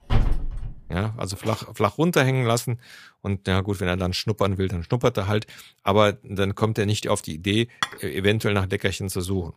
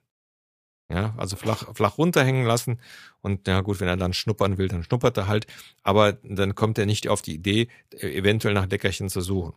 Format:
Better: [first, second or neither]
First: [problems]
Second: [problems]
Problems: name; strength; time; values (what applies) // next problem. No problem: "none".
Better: second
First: door banging; noticeable; at the start; peak 1 dB below the speech // clattering dishes; noticeable; at 8 s; peak 5 dB below the speech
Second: none